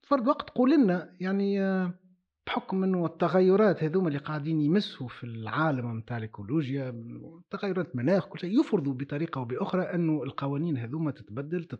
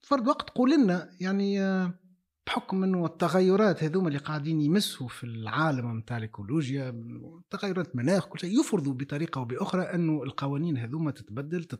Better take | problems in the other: second | muffled; slightly; fading above 4 kHz

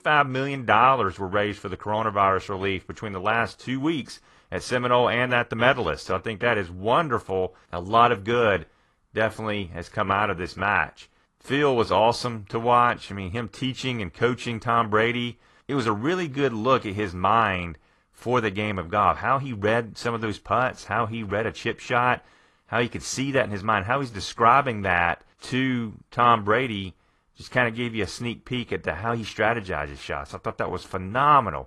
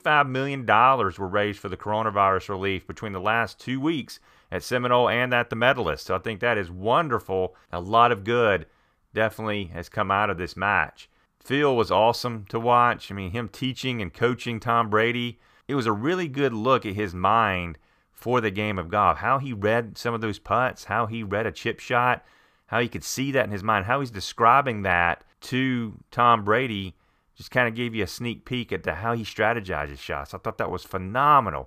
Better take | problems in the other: second | garbled, watery; slightly; nothing above 12 kHz

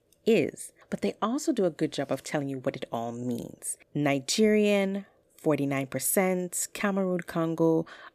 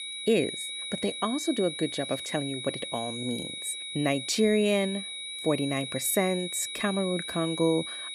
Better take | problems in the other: first | high-pitched whine; loud; throughout; 4 kHz, 6 dB below the speech

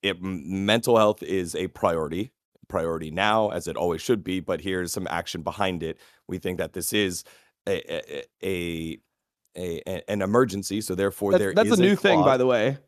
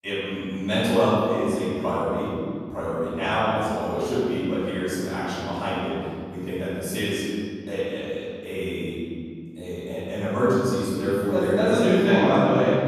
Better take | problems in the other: first | off-mic speech; far // room echo; strong; dies away in 2.5 s

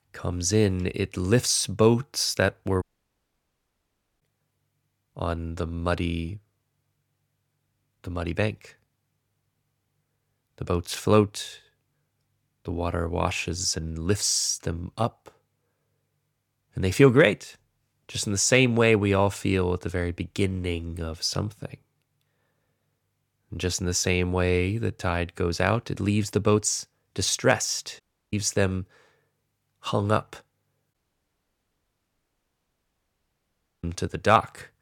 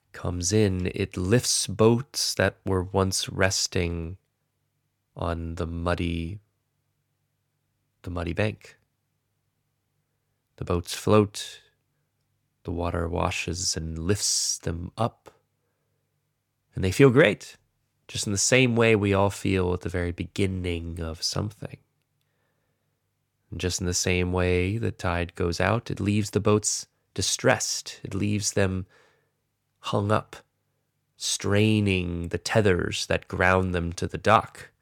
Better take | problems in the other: second | audio cutting out; at 3 s for 1.5 s, at 28 s and at 31 s for 3 s

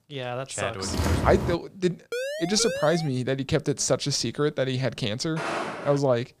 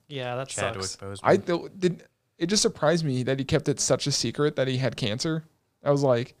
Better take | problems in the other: second | footsteps; loud; at 1 s; peak 1 dB above the speech // siren; noticeable; at 2 s; peak 4 dB below the speech // footsteps; noticeable; at 5.5 s; peak 4 dB below the speech

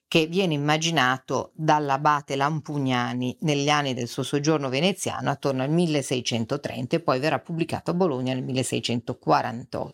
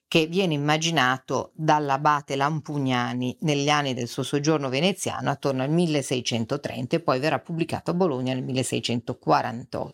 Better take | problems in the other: neither | none

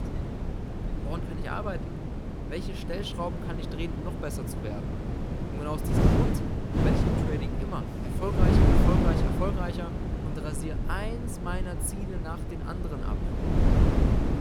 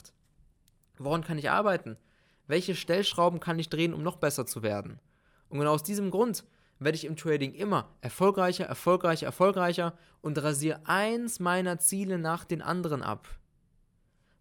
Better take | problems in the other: second | wind noise on the microphone; heavy; 2 dB above the speech

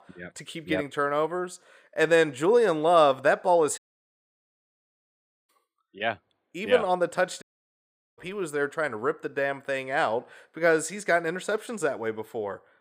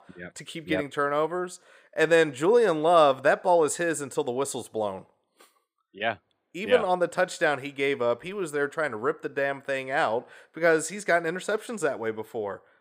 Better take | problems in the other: second | audio cutting out; at 4 s for 1.5 s and at 7.5 s for 1 s

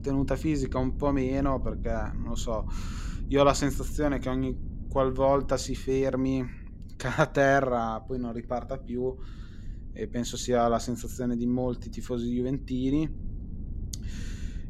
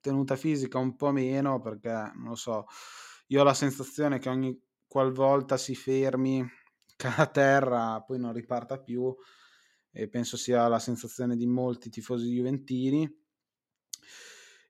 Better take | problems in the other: second | low rumble; faint; throughout; 25 dB below the speech

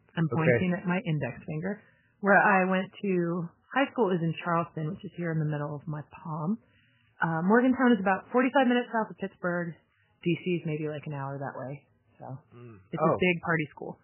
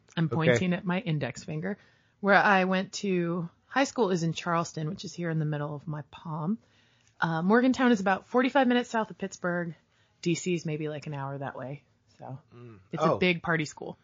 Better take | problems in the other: second | garbled, watery; badly; nothing above 3 kHz; slightly in the second

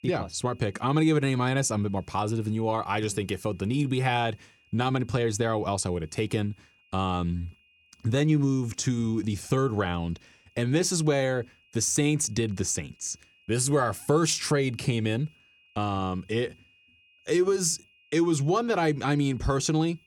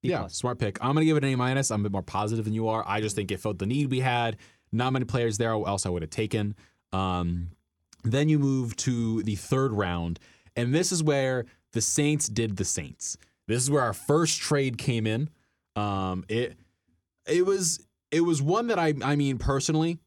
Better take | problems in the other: second | high-pitched whine; faint; throughout; 2.5 kHz, 35 dB below the speech

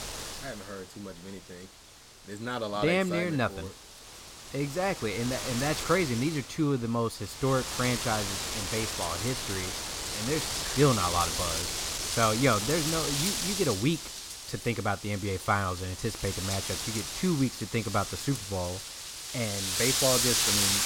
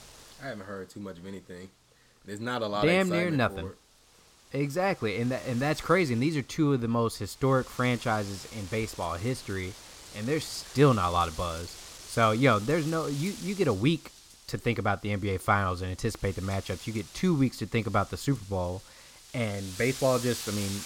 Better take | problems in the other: second | wind noise on the microphone; heavy; 1 dB below the speech; occasional gusts in the second

